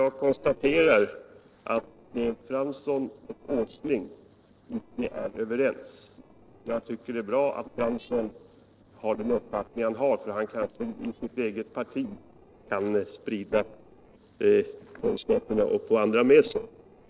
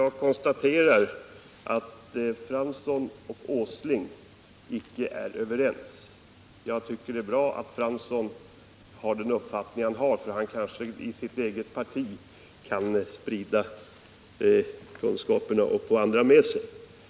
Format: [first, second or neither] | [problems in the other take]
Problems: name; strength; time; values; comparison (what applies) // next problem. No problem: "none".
second | noise reduction (neural separator model SepFormer DNS4)